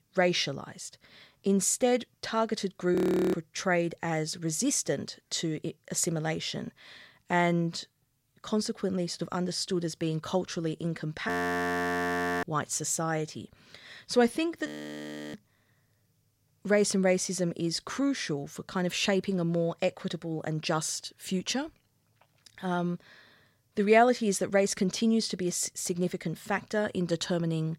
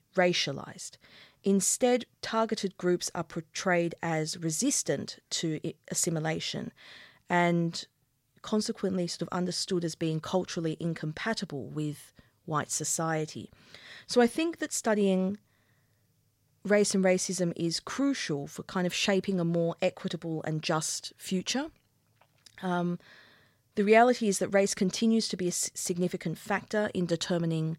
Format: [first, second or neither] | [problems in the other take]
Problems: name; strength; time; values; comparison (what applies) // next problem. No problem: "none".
second | audio freezing; at 3 s, at 11 s for 1 s and at 15 s for 0.5 s